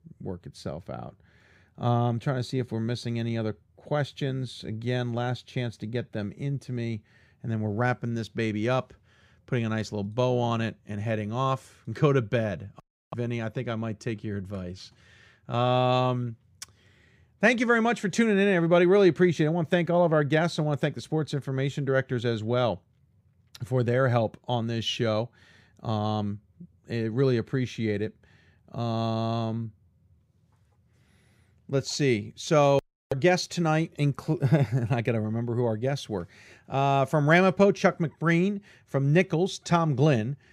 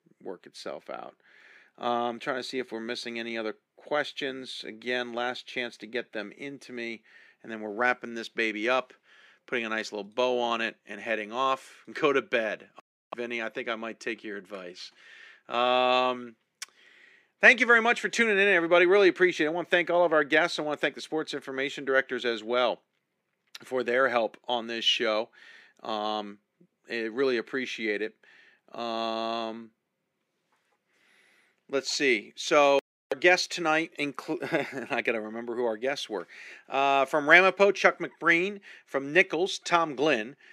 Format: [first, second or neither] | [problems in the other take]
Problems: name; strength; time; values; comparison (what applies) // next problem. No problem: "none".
first | thin; somewhat; fading below 250 Hz